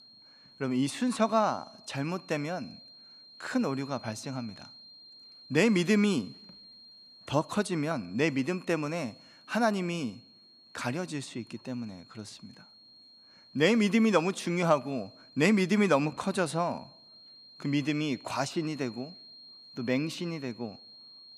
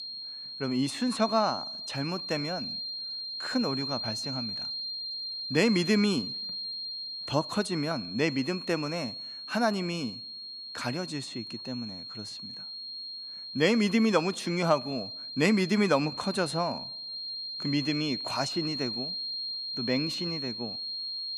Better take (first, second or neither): first